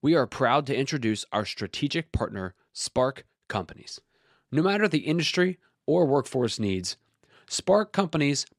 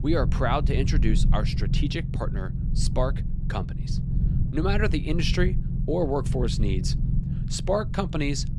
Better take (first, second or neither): first